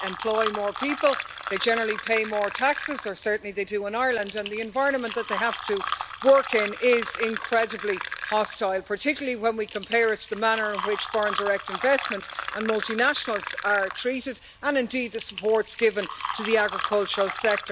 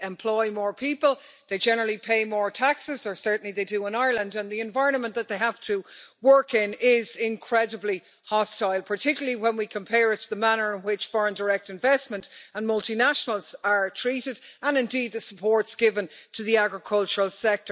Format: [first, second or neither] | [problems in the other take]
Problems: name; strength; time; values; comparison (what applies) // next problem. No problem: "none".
second | background sound (Fill (with liquid)); 9 dB below the speech